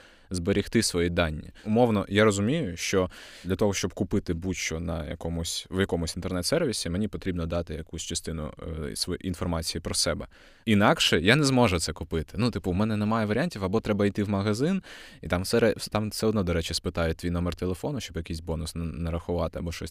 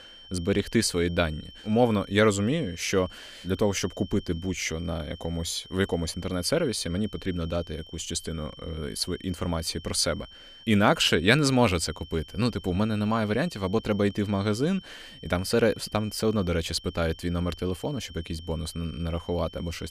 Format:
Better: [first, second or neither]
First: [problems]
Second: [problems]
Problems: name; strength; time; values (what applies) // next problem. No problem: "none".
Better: first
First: none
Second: high-pitched whine; noticeable; throughout; 3 kHz, 20 dB below the speech